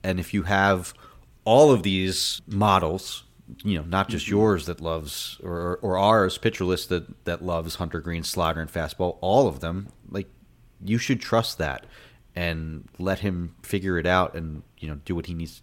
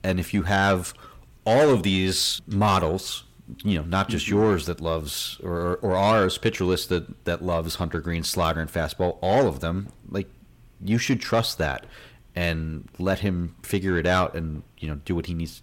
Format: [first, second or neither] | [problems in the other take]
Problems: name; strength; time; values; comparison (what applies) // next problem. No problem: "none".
first | distortion; slight; 10 dB below the speech